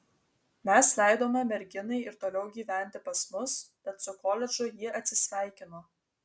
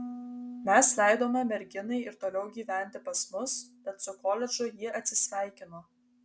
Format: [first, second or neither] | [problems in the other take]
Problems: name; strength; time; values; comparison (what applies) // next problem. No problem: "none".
first | background sound (Harp); 17 dB below the speech